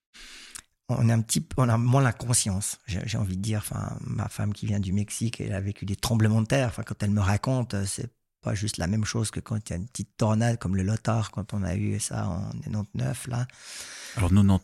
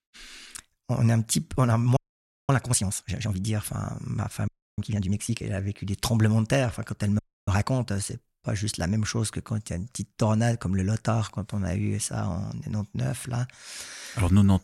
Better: first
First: none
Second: audio freezing; at 2 s for 0.5 s, at 4.5 s and at 7 s

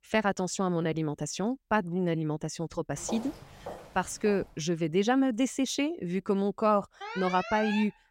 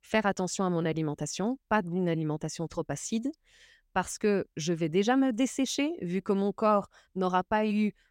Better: second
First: footsteps; faint; from 3 to 4.5 s; peak 10 dB below the speech // alarm; noticeable; at 7 s; peak 6 dB below the speech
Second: none

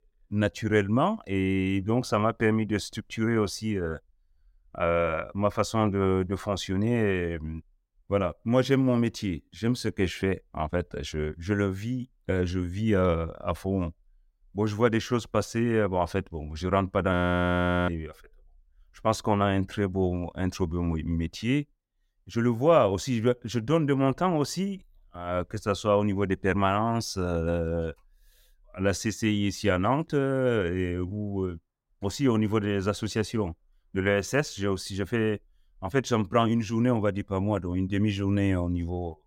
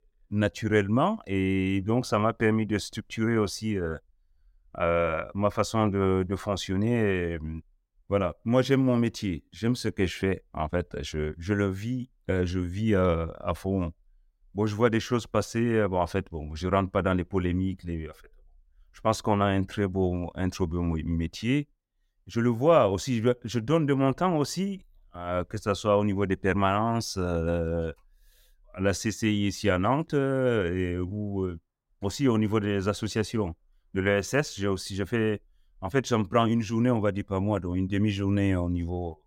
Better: second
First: audio freezing; at 17 s for 1 s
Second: none

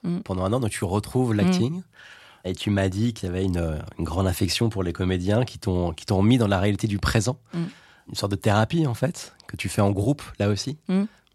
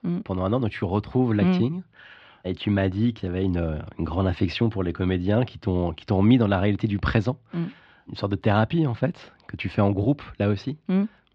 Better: first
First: none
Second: muffled; slightly; fading above 3.5 kHz

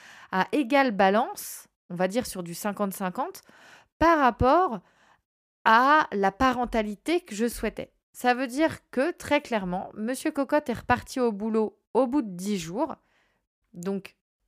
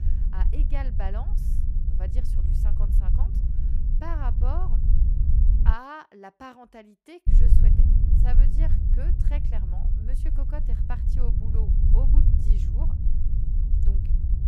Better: first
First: none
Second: low rumble; loud; until 5.5 s and from 7.5 s on; 2 dB below the speech

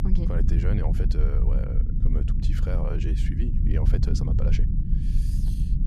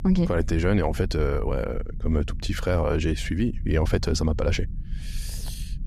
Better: second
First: low rumble; loud; throughout; 2 dB below the speech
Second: low rumble; faint; throughout; 20 dB below the speech

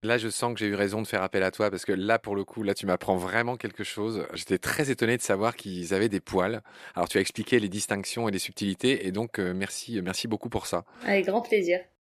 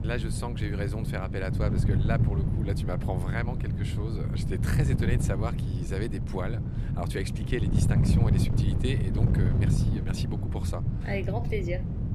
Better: first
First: none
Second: wind noise on the microphone; heavy; 2 dB below the speech

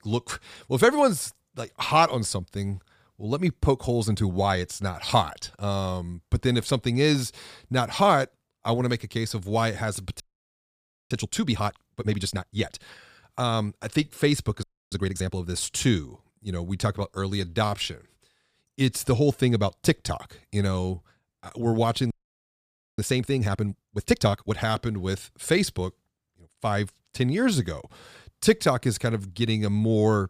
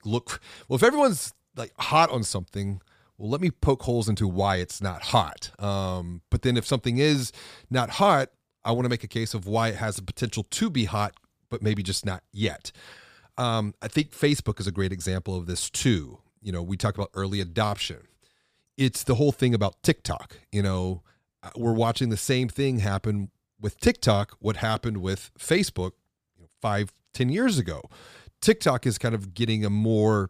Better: second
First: audio freezing; at 10 s for 1 s, at 15 s and at 22 s for 1 s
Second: none

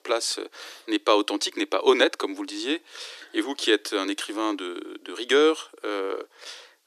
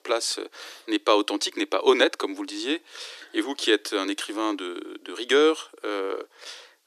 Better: neither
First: thin; very; fading below 300 Hz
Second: thin; very; fading below 300 Hz

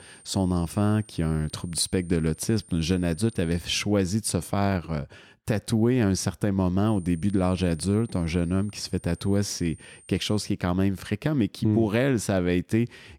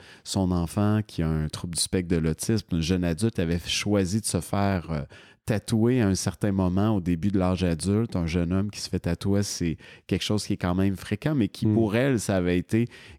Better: second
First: high-pitched whine; faint; until 3.5 s and from 7 to 10 s; 9 kHz, 25 dB below the speech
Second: none

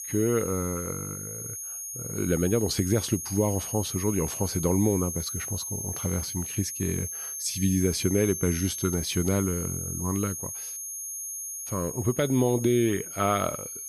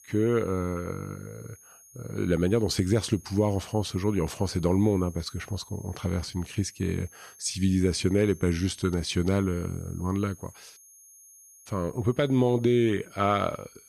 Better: second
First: high-pitched whine; loud; throughout; 6.5 kHz, 5 dB below the speech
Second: high-pitched whine; faint; throughout; 6.5 kHz, 25 dB below the speech

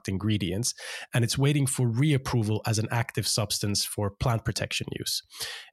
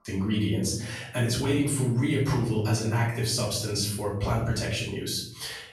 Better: first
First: none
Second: off-mic speech; far // room echo; noticeable; dies away in 0.7 s

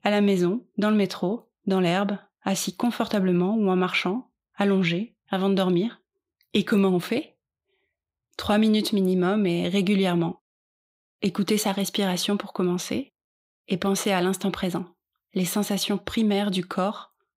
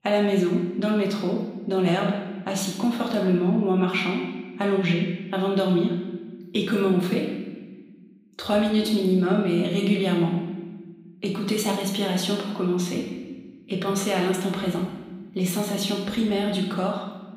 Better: first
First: none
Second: room echo; noticeable; dies away in 1 s // off-mic speech; far

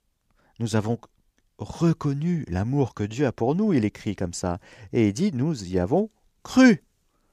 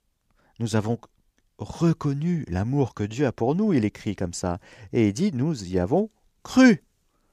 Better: neither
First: none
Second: none

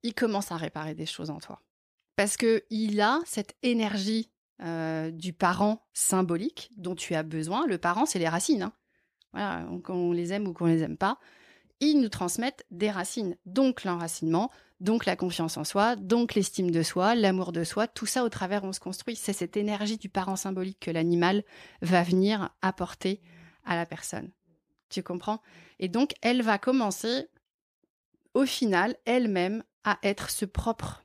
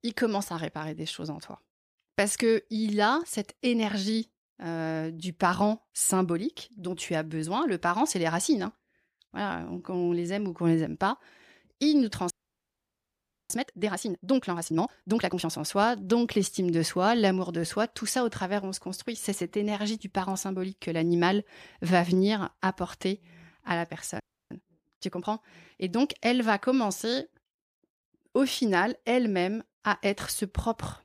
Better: first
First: none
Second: audio freezing; at 12 s for 1 s and at 24 s

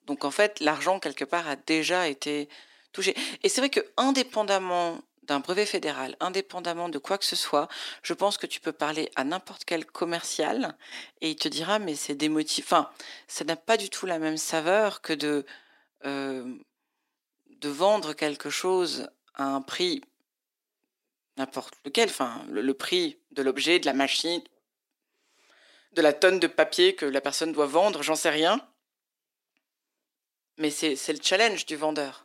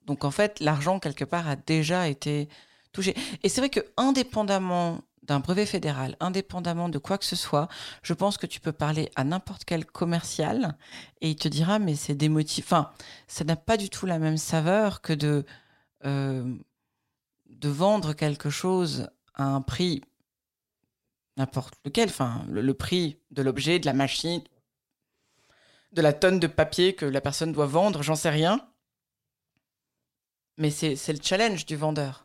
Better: second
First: thin; somewhat; fading below 300 Hz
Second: none

